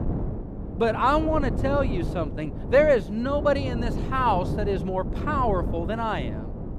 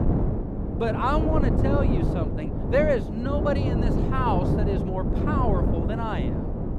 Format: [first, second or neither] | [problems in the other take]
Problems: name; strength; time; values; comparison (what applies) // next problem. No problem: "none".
first | wind noise on the microphone; heavy; 4 dB below the speech; occasional gusts in the first